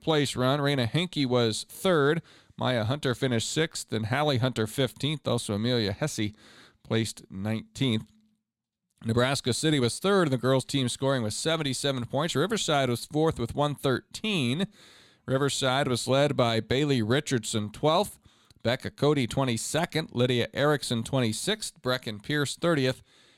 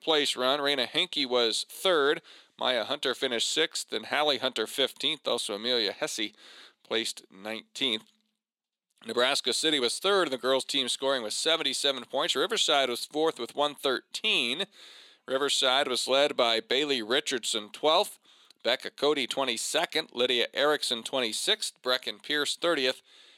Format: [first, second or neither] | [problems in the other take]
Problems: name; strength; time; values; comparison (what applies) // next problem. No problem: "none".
first | thin; somewhat; fading below 350 Hz